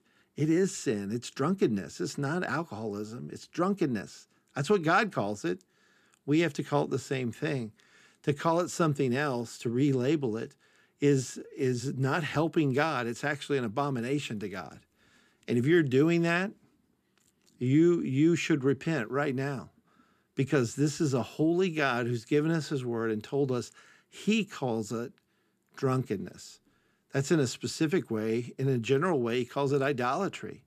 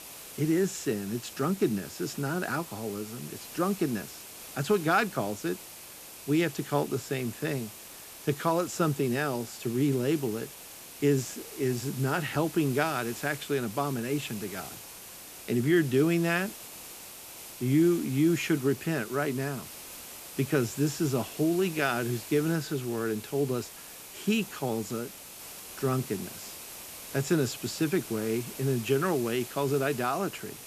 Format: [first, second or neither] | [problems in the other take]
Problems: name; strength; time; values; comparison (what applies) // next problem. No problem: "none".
first | hiss; noticeable; throughout; 10 dB below the speech